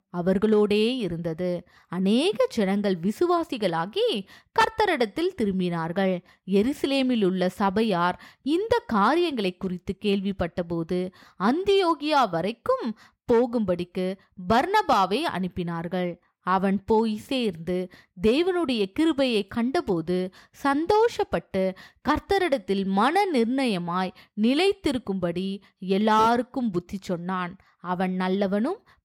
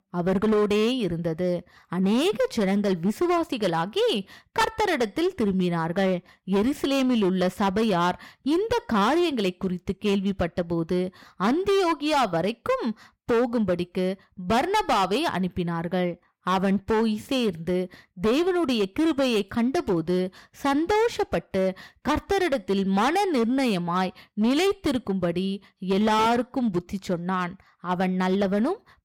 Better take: first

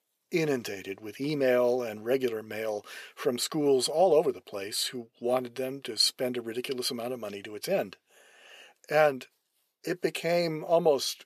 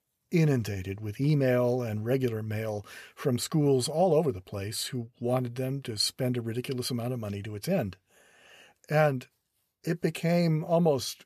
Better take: second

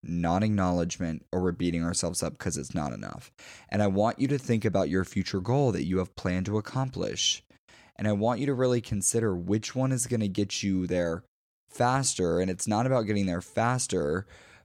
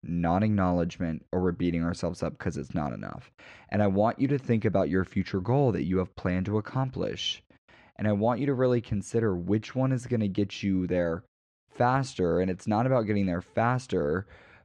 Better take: first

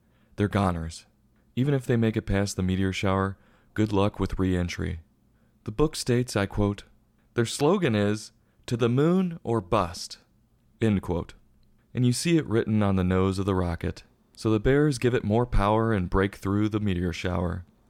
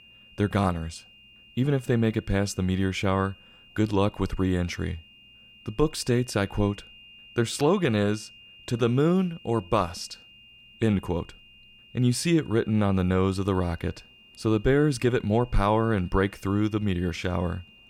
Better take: first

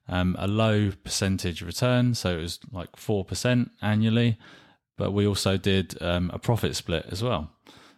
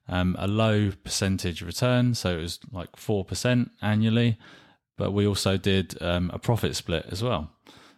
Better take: neither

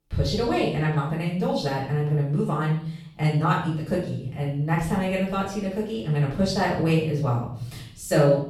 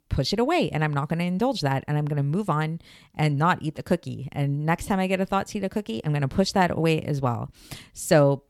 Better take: second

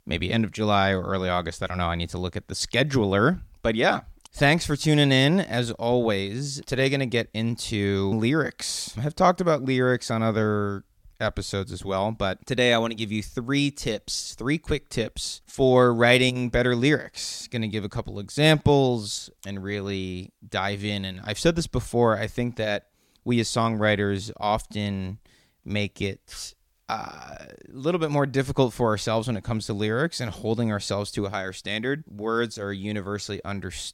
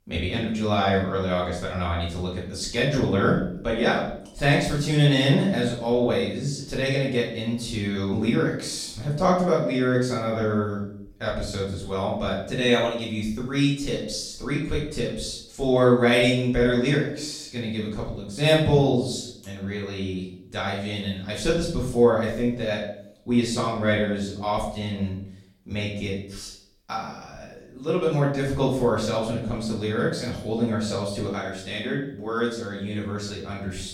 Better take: first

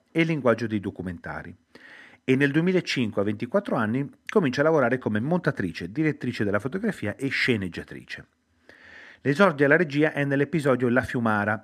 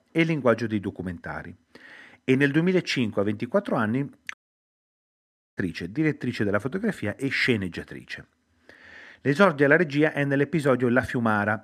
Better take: first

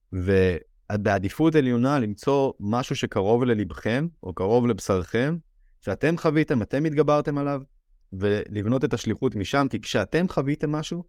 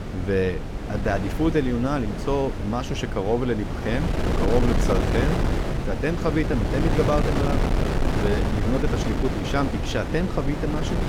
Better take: first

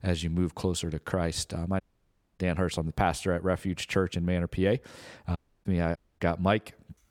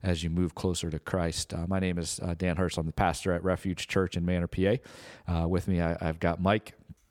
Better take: second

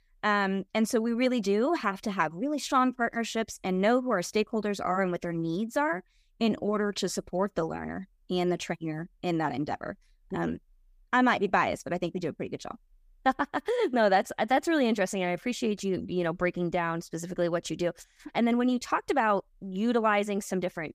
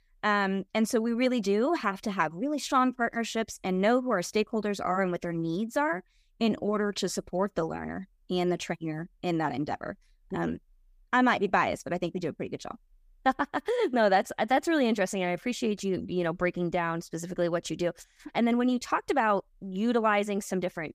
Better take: neither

